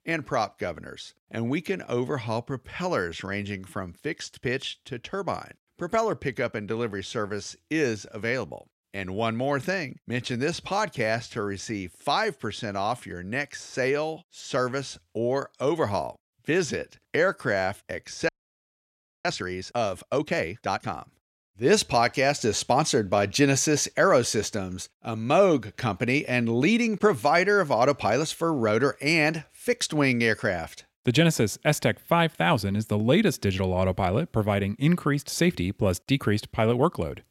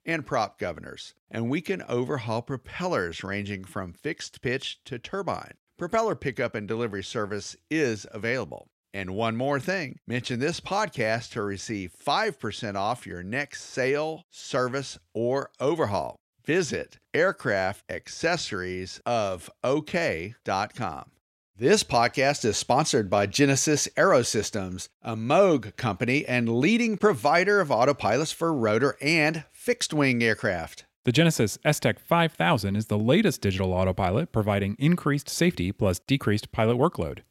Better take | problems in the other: second | audio freezing; at 18 s for 1 s

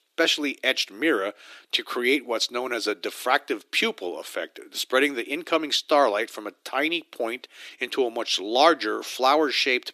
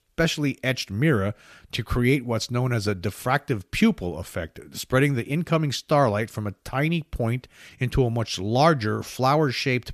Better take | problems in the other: second | thin; somewhat; fading below 300 Hz

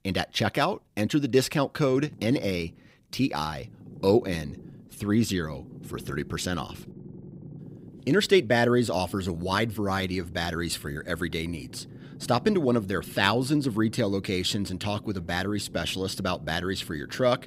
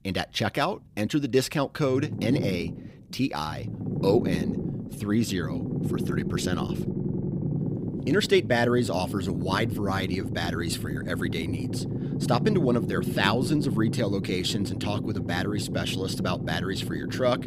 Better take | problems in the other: first | low rumble; loud; throughout; 9 dB below the speech; faint in the first

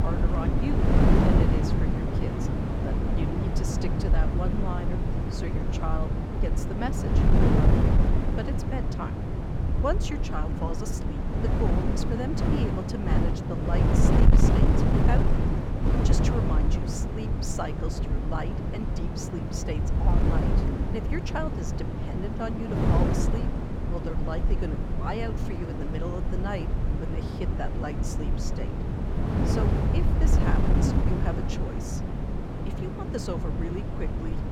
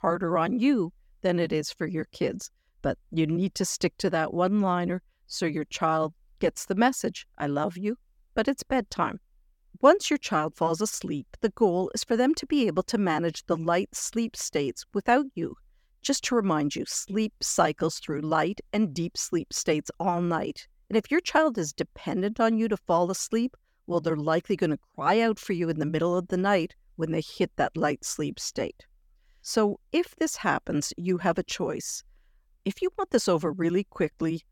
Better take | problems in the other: second | wind noise on the microphone; heavy; 3 dB above the speech

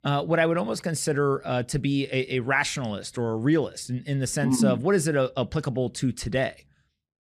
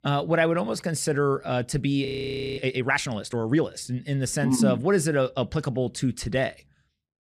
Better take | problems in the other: first | audio freezing; at 2 s for 0.5 s

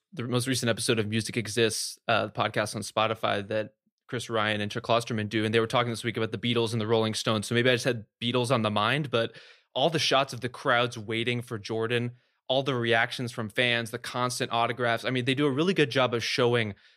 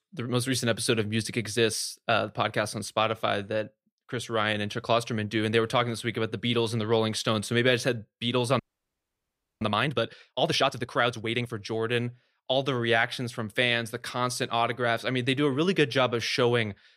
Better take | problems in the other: first | audio freezing; at 8.5 s for 1 s

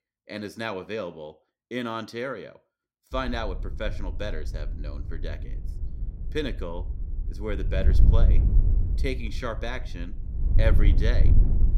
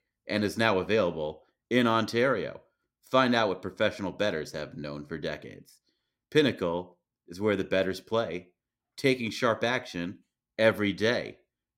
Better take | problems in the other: second | wind noise on the microphone; occasional gusts; from 3 s on; 10 dB below the speech

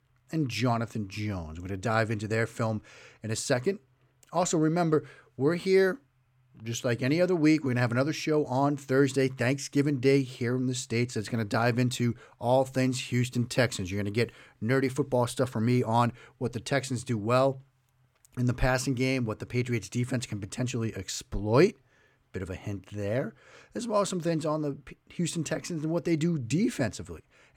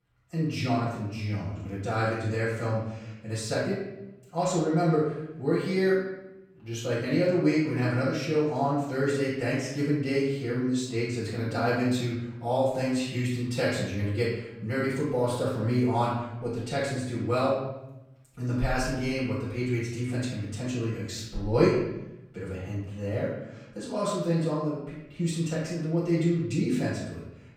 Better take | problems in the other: first | off-mic speech; far // room echo; noticeable; dies away in 0.8 s

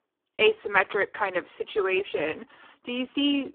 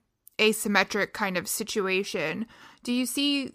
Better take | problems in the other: second | phone-call audio; poor line; nothing above 3 kHz

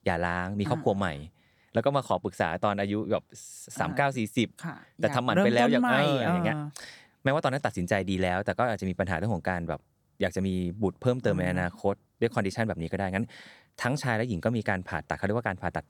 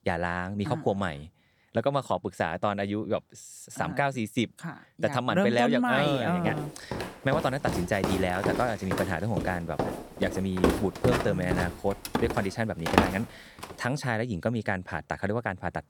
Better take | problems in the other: first | footsteps; loud; from 6 to 13 s; peak 4 dB above the speech

